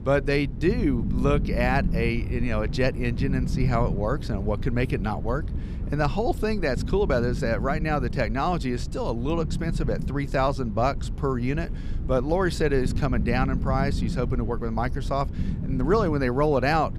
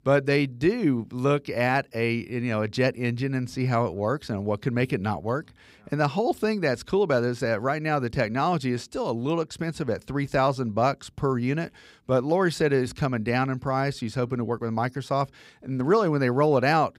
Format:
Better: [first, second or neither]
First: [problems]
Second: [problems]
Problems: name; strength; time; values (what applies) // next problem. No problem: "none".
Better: second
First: low rumble; noticeable; throughout; 15 dB below the speech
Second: none